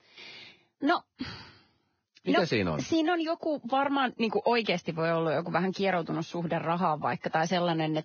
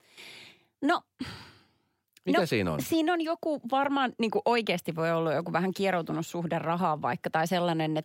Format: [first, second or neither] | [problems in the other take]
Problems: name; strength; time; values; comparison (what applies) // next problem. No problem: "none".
second | garbled, watery; badly; nothing above 6.5 kHz